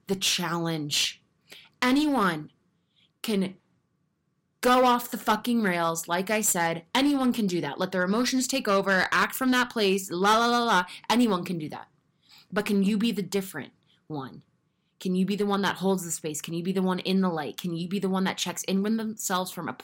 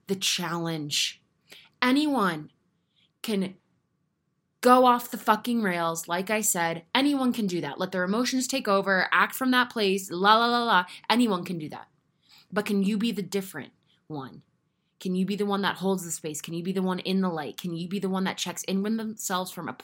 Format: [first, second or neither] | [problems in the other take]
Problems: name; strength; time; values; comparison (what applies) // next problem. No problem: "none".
second | distortion; slight; 4% of the sound clipped